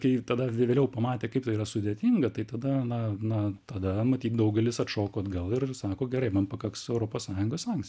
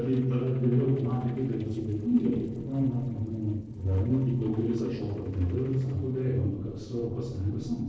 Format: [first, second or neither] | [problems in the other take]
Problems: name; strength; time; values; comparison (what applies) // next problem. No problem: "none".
first | noise reduction (neural separator model SepFormer DNS4)